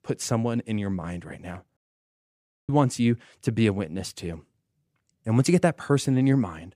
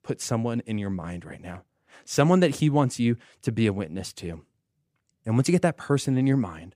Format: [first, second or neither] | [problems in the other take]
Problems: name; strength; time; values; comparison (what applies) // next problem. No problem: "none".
second | audio cutting out; at 2 s for 1 s